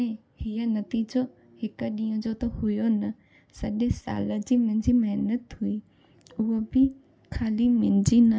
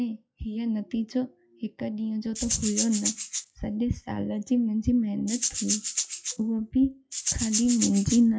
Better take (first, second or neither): first